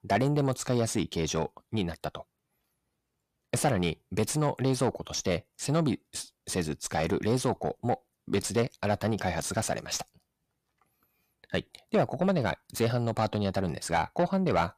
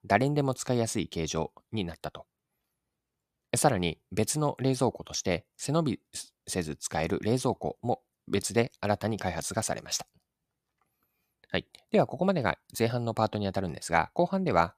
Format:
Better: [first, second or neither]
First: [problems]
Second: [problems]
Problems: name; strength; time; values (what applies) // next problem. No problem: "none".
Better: second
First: distortion; slight; 10 dB below the speech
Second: none